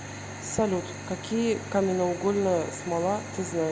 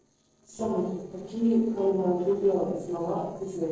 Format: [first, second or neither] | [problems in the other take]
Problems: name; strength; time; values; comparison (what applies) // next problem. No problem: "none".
first | noise reduction (neural separator model SepFormer DNS4)